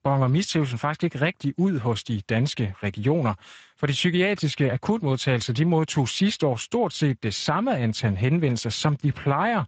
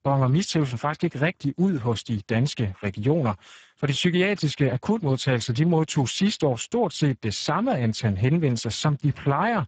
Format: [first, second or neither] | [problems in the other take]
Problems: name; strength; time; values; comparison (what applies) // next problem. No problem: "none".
first | garbled, watery; badly; nothing above 7.5 kHz; slightly in the first